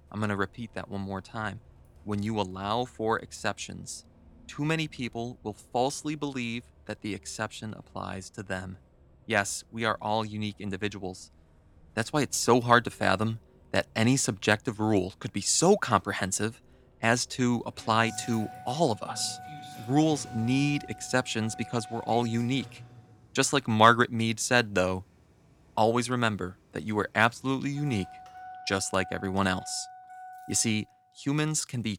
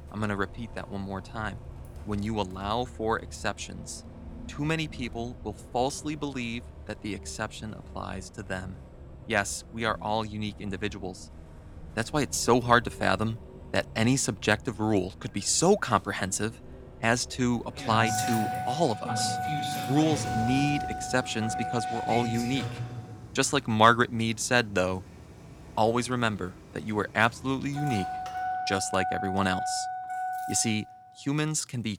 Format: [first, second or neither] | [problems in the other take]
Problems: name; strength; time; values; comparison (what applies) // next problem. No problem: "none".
first | traffic noise; loud; throughout; 8 dB below the speech; faint in the first